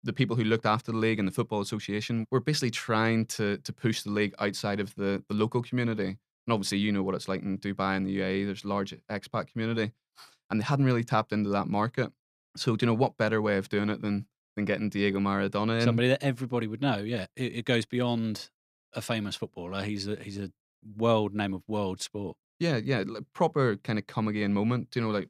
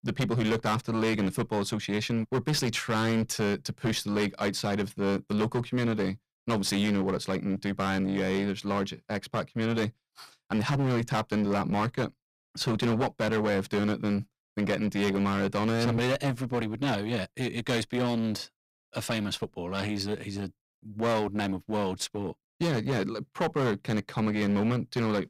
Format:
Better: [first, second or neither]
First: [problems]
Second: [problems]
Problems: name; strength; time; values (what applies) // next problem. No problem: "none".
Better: first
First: none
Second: distortion; heavy; 15% of the sound clipped